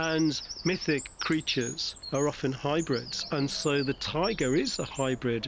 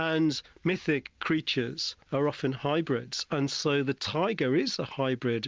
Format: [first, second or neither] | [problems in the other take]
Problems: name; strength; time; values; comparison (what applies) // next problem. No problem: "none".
second | background sound (Bird vocalization, bird call, bird song); 12 dB below the speech